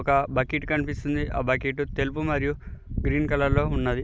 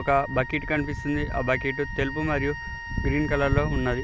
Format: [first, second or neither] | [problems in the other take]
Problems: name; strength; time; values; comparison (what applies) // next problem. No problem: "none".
first | background sound (Wind instrument, woodwind instrument); 12 dB below the speech